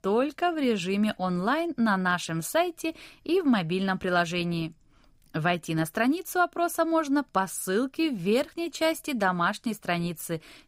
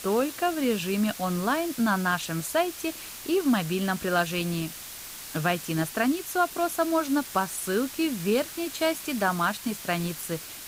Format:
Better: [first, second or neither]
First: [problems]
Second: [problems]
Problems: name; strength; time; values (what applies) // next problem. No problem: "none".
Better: first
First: none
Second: hiss; noticeable; throughout; 10 dB below the speech